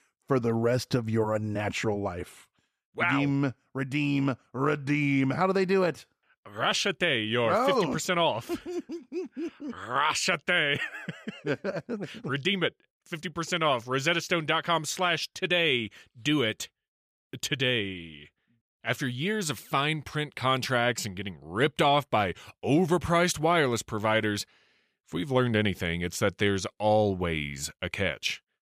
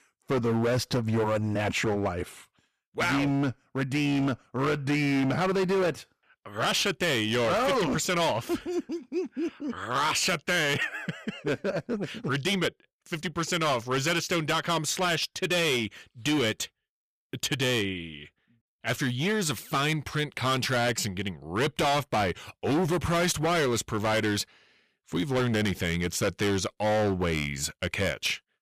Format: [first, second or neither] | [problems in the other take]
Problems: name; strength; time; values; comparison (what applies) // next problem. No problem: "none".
first | distortion; heavy; 15% of the sound clipped